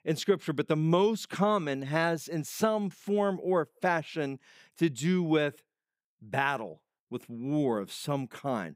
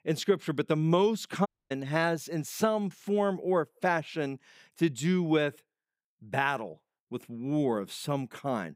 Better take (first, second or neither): first